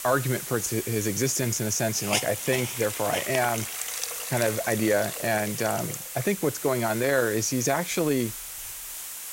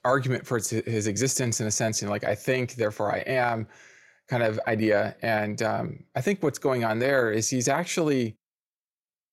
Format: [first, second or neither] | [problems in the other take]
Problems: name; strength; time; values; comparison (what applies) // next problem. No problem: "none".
second | hiss; loud; throughout; 5 dB below the speech